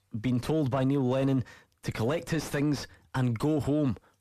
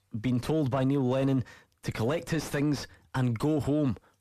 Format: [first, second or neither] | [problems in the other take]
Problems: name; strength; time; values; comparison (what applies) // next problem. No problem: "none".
neither | distortion; slight; 9 dB below the speech; the same in both